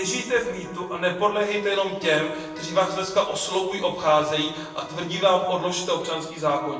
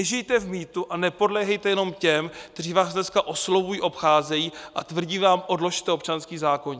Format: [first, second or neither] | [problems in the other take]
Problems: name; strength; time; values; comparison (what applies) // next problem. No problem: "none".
second | background sound (Electric guitar); 16 dB below the speech // room echo; dies away in 0.8 s